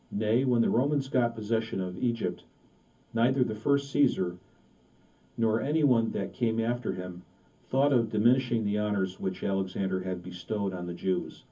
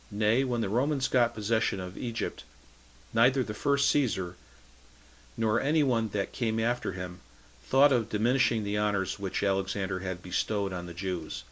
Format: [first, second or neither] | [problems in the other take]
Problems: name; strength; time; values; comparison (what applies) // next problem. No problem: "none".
second | room echo; dies away in 0.3 s